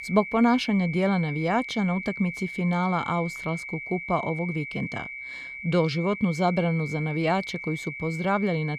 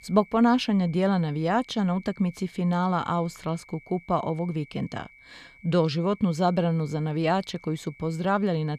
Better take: second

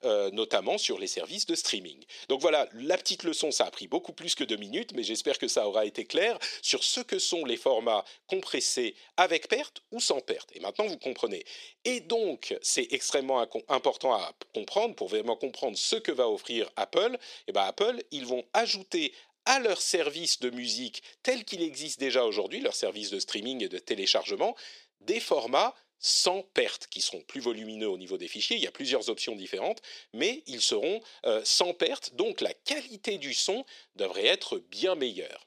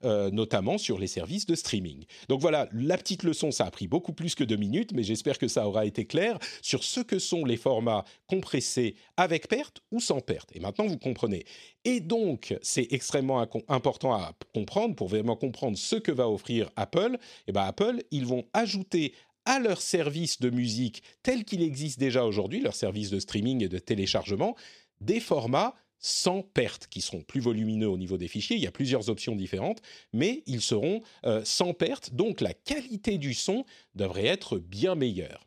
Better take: second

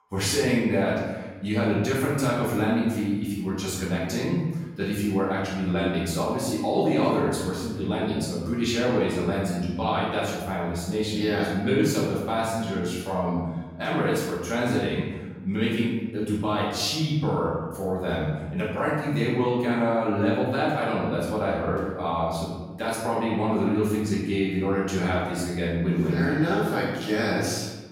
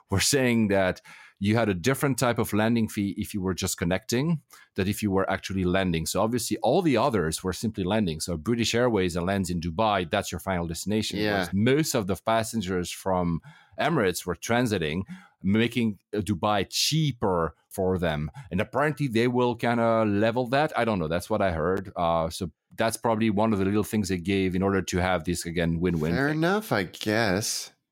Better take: second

